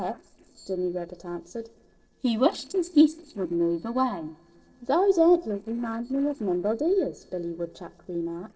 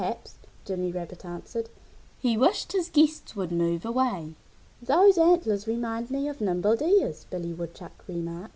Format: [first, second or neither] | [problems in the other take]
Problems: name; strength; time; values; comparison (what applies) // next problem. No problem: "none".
second | noise reduction (neural separator model SepFormer DNS4)